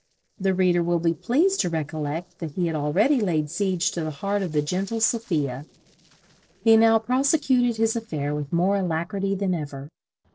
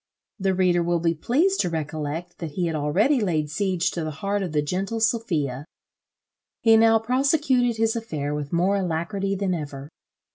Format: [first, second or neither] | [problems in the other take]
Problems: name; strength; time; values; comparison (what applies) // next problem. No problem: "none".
second | noise reduction (neural separator model SepFormer DNS4)